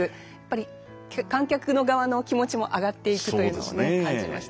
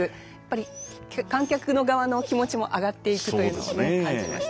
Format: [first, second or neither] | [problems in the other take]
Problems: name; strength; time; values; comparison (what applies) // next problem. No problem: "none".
first | background sound (Dog); 15 dB below the speech